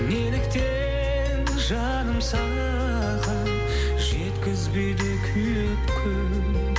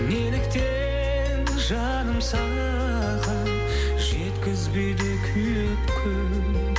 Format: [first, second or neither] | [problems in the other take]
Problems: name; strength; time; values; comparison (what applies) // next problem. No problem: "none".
second | background sound (Organ); 18 dB below the speech